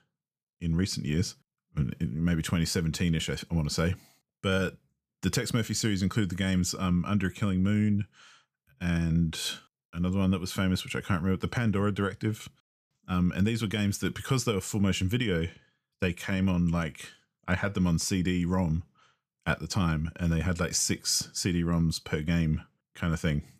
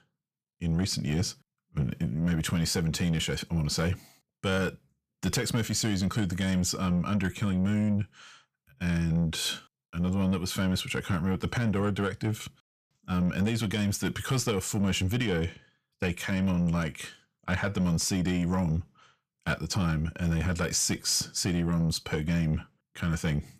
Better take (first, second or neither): first